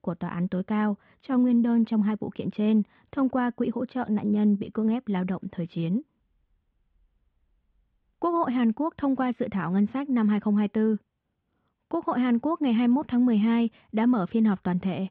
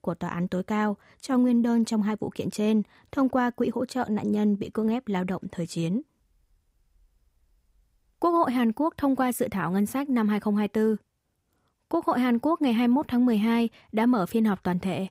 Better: second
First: muffled; very; fading above 3.5 kHz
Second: none

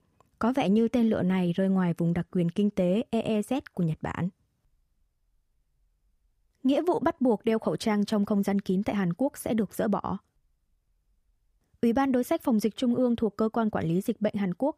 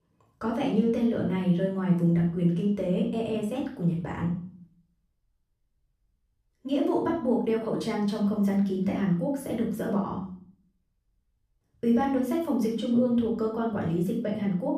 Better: first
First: none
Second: off-mic speech; far // room echo; noticeable; dies away in 0.5 s

